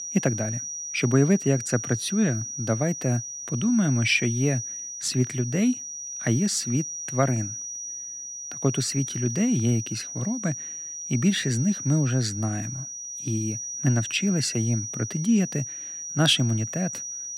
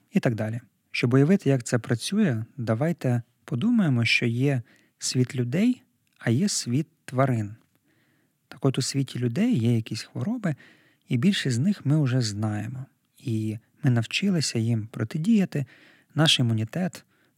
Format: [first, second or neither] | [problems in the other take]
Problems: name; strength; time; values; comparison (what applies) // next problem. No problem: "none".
second | high-pitched whine; loud; throughout; 6 kHz, 7 dB below the speech